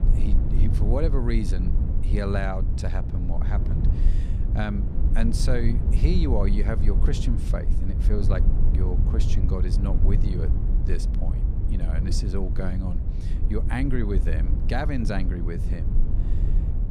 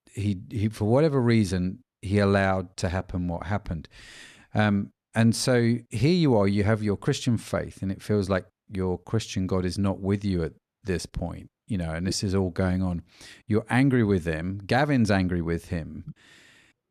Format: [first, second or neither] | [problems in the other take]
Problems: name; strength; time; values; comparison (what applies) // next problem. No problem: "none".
second | low rumble; loud; throughout; 6 dB below the speech